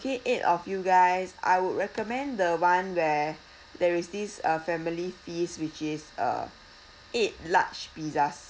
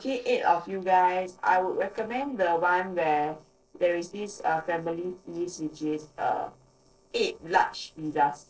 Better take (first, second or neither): first